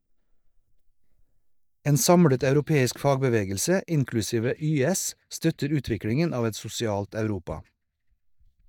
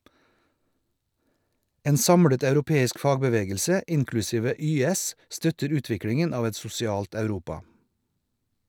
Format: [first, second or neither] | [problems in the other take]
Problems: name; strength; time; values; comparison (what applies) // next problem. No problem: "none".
second | noise reduction (neural mask model DeepFilterNet 3)